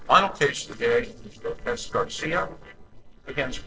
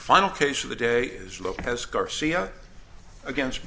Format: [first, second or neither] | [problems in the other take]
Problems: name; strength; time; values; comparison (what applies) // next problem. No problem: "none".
second | noise reduction (neural separator model SepFormer DNS4)